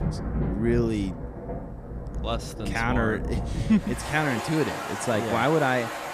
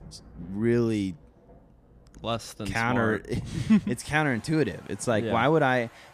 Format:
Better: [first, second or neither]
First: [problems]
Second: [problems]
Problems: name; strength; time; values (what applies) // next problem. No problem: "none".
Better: second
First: rain or running water; loud; throughout; 6 dB below the speech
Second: rain or running water; faint; throughout; 25 dB below the speech